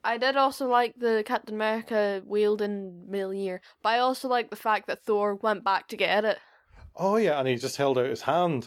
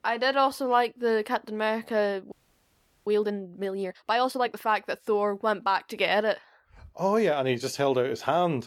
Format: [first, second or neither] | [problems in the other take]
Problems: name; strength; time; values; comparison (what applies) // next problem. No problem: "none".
first | audio freezing; at 2.5 s for 0.5 s